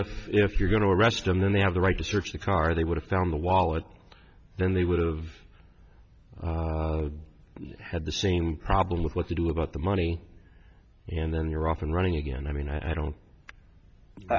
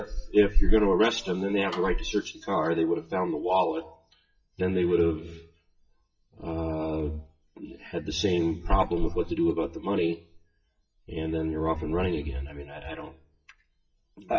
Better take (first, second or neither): first